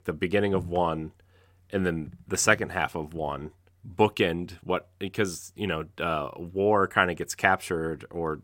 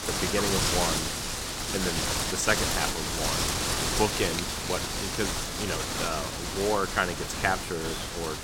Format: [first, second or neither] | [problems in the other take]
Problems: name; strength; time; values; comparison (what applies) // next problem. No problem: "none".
first | wind noise on the microphone; heavy; 2 dB above the speech